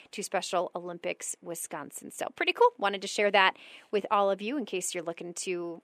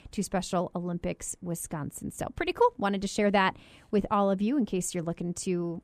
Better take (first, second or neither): second